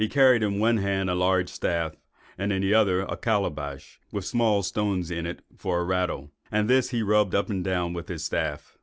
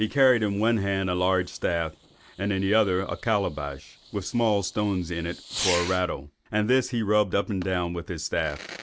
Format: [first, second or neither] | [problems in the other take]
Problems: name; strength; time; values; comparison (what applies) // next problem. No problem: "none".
first | background sound (Fireworks); 15 dB below the speech